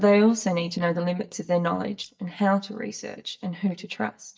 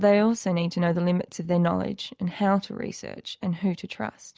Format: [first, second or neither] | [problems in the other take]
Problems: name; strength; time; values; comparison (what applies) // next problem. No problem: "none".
second | noise reduction (neural mask model DeepFilterNet 3)